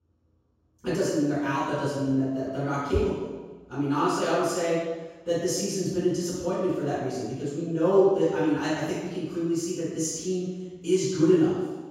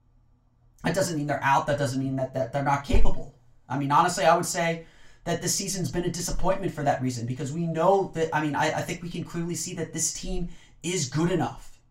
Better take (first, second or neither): second